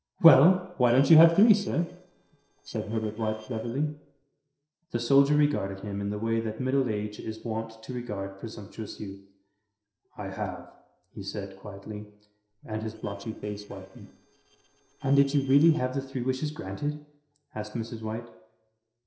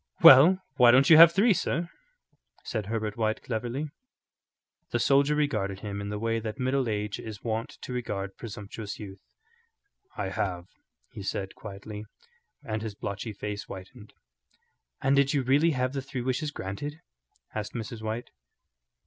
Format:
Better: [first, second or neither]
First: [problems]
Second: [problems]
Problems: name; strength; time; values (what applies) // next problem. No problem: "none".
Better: second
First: noise reduction (neural separator model SepFormer DNS4)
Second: none